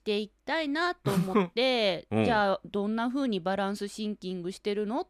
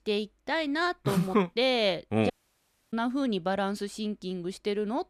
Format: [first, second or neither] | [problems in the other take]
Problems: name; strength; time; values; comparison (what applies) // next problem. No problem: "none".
first | audio cutting out; at 2.5 s for 0.5 s